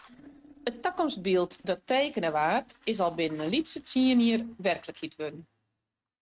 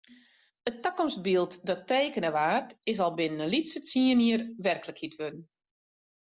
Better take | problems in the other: second | noise reduction (neural mask model RNNoise)

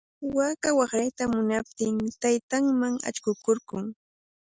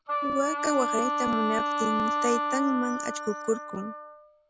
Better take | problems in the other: first | background sound (Wind instrument, woodwind instrument); as loud as the speech

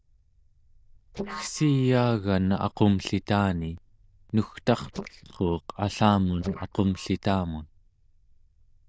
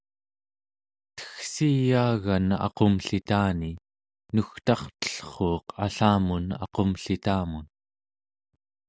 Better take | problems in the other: second | noise reduction (neural diffusion model UNIVERSE++)

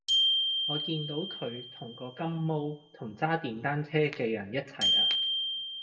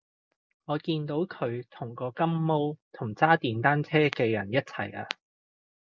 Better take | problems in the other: second | background sound (Glockenspiel); 2 dB above the speech // room echo; dies away in 0.7 s

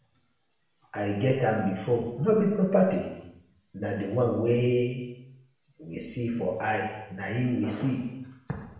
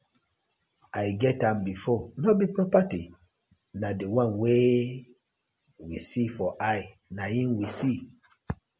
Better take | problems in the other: second | room echo; dies away in 0.9 s

